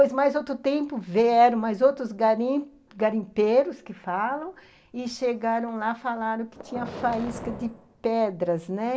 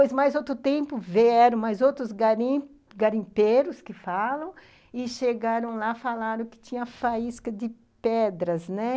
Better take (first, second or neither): second